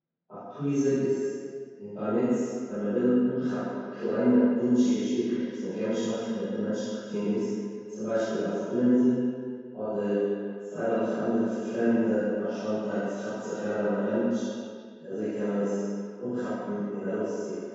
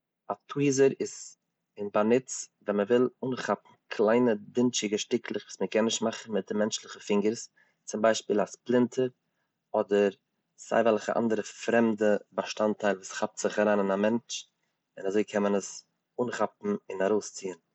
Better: second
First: room echo; dies away in 2 s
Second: none

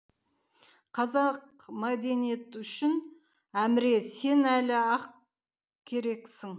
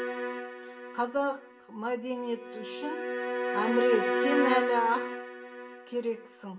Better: first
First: none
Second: background sound (Bowed string instrument); 1 dB below the speech // room echo; dies away in 0.1 s

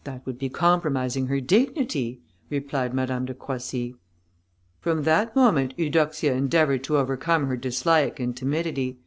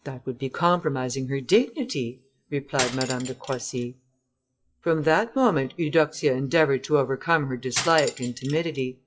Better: first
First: none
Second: noise reduction (classical method WPE with log-MMSE)

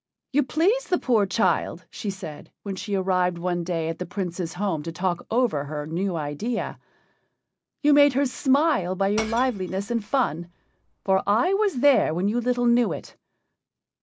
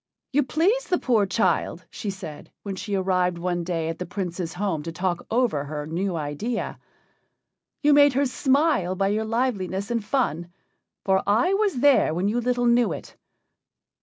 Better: second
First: background sound (Shatter / Crushing); 17 dB below the speech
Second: none

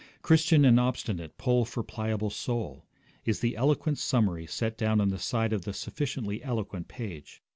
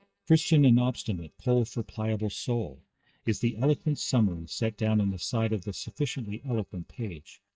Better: first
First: none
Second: noise reduction (neural mask model DeepFilterNet 3)

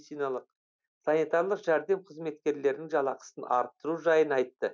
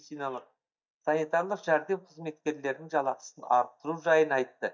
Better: first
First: none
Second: noise reduction (neural mask model DeepFilterNet 3)

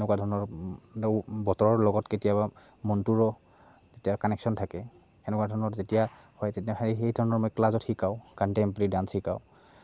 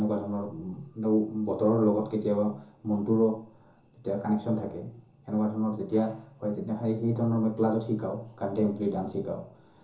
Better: first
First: none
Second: room echo; dies away in 0.7 s

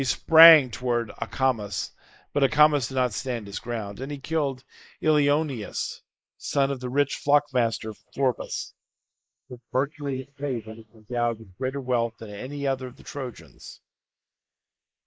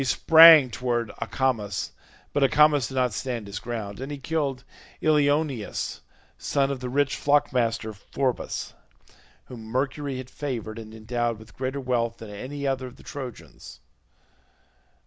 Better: second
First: noise reduction (neural mask model Resemble Enhance denoiser)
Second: none

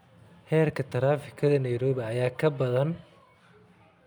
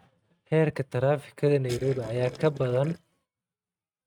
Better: first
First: none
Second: noise reduction (neural mask model RNNoise)

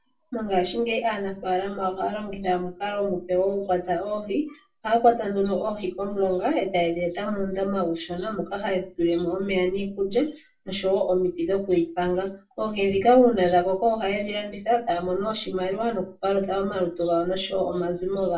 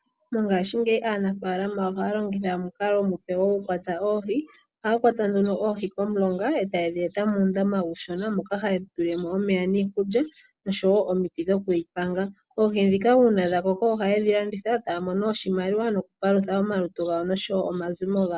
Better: second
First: room echo; dies away in 0.2 s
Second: none

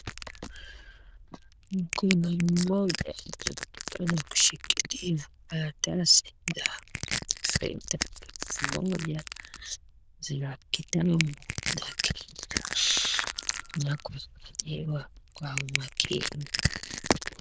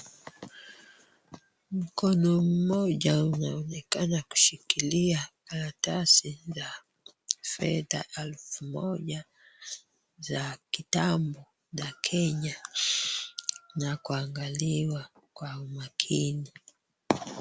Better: second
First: noise reduction (neural diffusion model UNIVERSE++)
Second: none

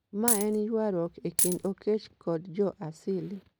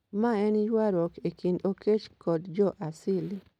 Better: second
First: background sound (Coin (dropping)); 3 dB above the speech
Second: none

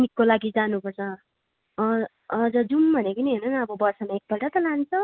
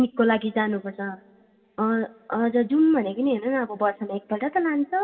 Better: first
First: none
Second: room echo; dies away in 0.2 s

